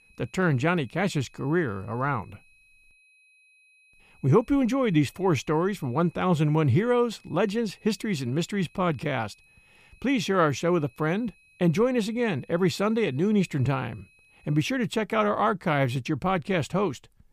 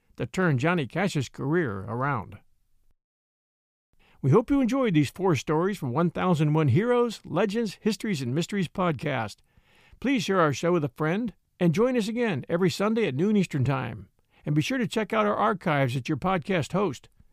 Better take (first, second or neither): second